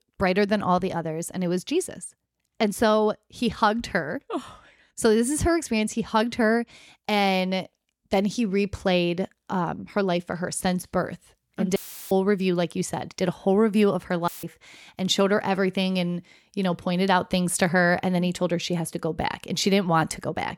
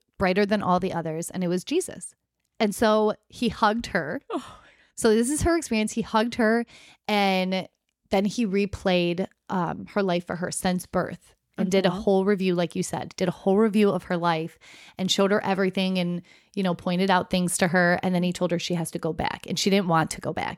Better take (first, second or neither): second